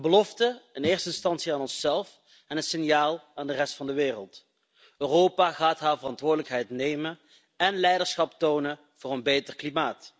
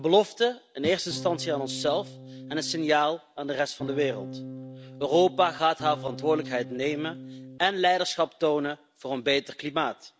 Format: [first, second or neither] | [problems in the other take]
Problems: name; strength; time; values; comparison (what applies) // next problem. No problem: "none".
first | background sound (Electric guitar / Strum); 13 dB below the speech